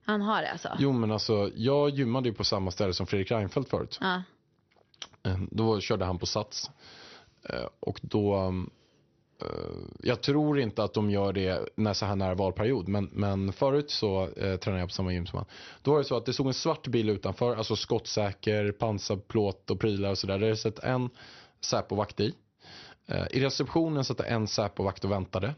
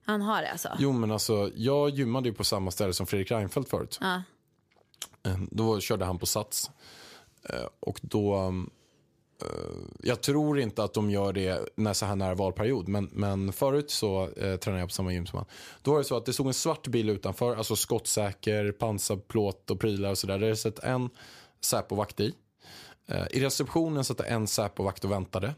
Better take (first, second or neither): second